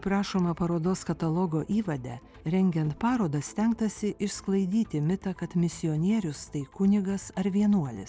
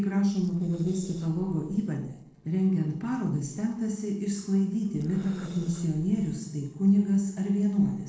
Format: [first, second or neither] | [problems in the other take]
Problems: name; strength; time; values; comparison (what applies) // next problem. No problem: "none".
first | noise reduction (neural separator model SepFormer DNS4)